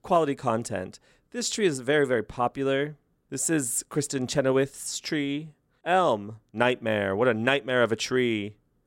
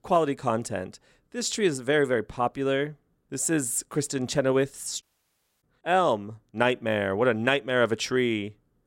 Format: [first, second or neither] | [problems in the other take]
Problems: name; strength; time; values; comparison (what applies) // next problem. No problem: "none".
first | audio cutting out; at 5 s for 0.5 s